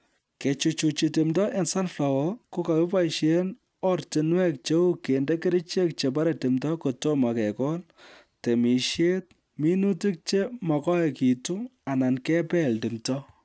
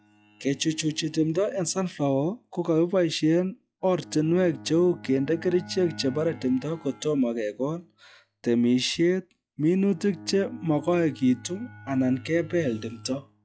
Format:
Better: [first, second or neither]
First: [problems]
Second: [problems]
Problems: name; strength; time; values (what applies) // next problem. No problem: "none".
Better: first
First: none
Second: noise reduction (classical method log-MMSE)